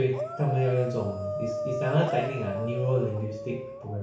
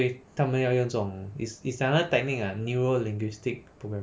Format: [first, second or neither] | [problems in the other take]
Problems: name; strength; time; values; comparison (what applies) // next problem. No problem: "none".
second | background sound (Dog); 6 dB below the speech // room echo; dies away in 0.6 s